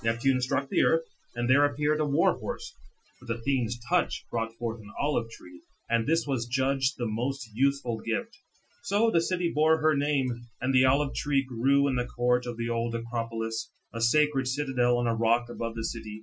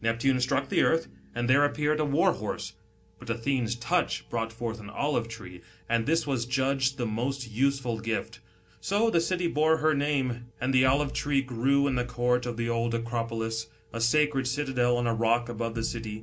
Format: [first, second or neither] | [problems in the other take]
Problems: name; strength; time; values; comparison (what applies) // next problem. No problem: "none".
second | noise reduction (classical method Wiener filter)